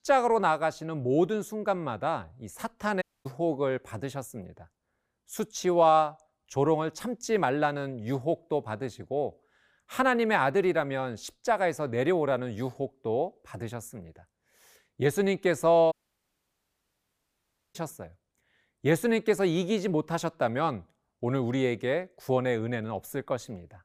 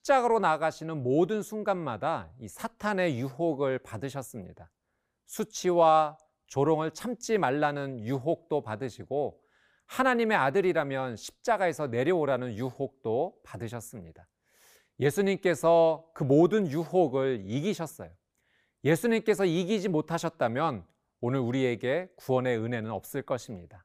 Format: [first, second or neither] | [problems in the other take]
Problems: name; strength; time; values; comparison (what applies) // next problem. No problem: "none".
second | audio cutting out; at 3 s and at 16 s for 2 s